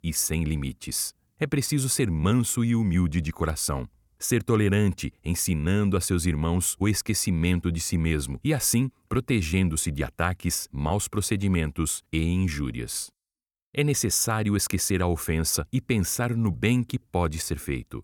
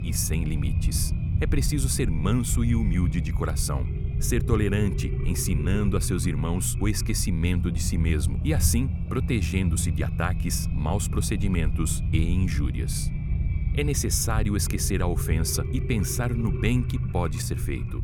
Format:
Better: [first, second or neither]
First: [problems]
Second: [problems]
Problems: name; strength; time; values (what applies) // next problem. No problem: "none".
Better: first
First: none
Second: low rumble; loud; throughout; 9 dB below the speech